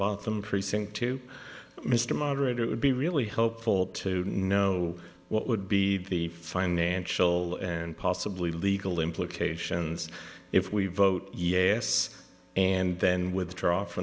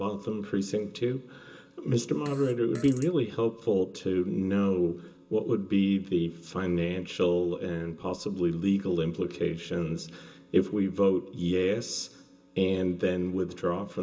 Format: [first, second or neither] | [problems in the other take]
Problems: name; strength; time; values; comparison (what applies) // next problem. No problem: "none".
first | background sound (Fart); 19 dB below the speech // room echo; dies away in 0.2 s